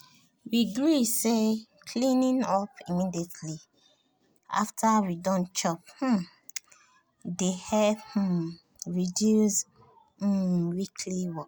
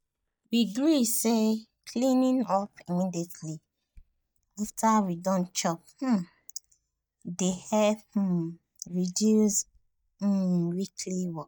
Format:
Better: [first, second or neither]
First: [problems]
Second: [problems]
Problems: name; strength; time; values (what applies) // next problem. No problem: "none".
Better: first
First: none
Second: noise reduction (neural mask model DeepFilterNet 3)